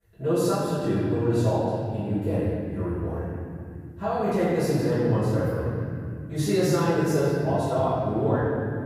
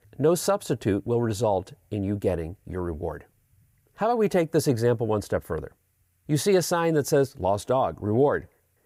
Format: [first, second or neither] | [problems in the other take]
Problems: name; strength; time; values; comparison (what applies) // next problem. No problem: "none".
second | room echo; strong; dies away in 3 s // off-mic speech; far